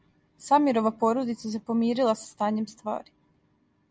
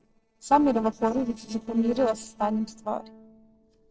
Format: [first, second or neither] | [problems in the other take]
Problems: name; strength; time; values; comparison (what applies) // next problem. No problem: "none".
first | noise reduction (neural separator model SepFormer DNS4)